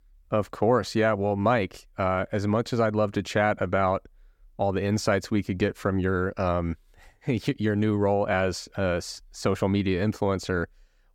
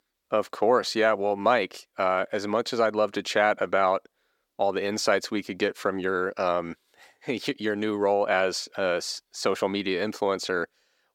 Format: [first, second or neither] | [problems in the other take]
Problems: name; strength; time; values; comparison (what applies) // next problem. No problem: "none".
first | thin; somewhat; fading below 350 Hz